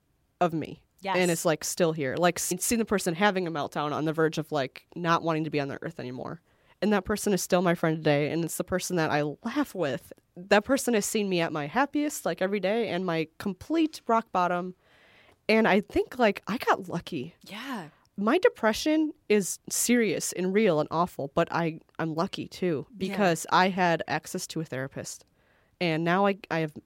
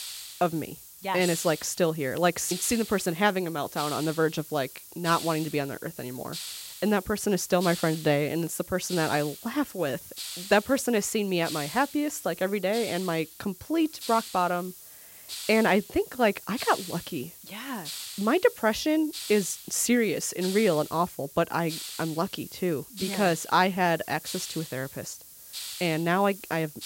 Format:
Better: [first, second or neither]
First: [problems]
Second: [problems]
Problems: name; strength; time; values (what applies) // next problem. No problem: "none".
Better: first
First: none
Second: hiss; noticeable; throughout; 10 dB below the speech